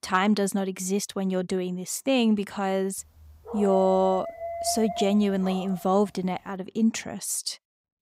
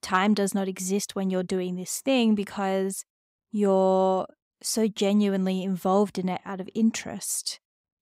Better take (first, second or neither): second